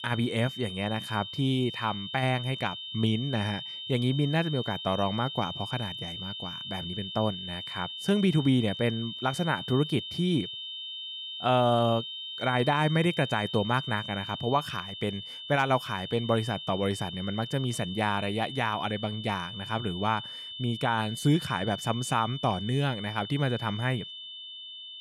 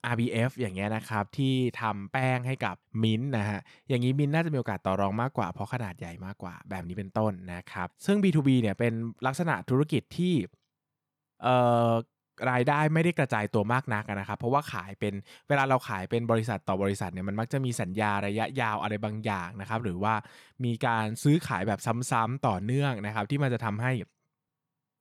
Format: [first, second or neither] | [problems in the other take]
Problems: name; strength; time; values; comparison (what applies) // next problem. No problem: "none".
second | high-pitched whine; loud; throughout; 3 kHz, 8 dB below the speech